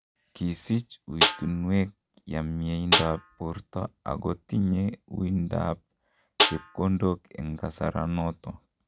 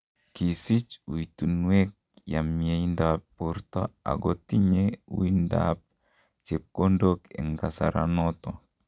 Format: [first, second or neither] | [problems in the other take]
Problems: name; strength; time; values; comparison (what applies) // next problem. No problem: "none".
second | background sound (Snare drum); as loud as the speech